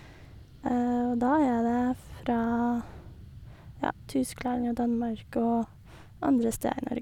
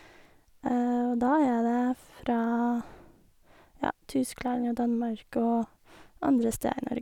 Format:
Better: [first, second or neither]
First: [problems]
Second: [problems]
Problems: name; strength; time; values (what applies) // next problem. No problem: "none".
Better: second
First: background sound (Fixed-wing aircraft, airplane); 19 dB below the speech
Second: none